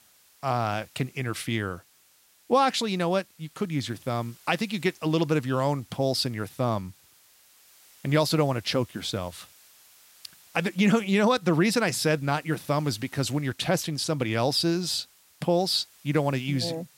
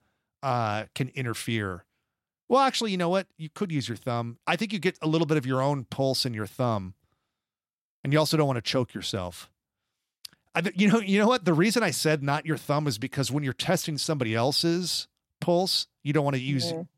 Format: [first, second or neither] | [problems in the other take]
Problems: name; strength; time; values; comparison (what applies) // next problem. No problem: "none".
second | hiss; faint; throughout; 25 dB below the speech